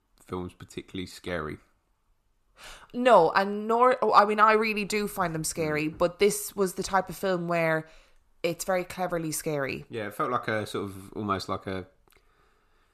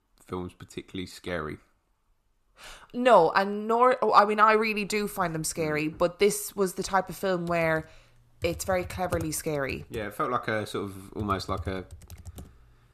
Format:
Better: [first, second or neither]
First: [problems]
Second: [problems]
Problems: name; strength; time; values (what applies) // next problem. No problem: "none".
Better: first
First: none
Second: keyboard typing; faint; from 7.5 s on; peak 10 dB below the speech